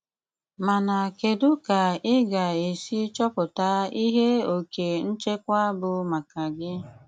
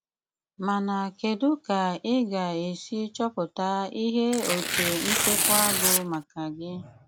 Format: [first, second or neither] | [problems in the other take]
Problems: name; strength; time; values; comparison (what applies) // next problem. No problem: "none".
first | background sound (Tearing); 3 dB above the speech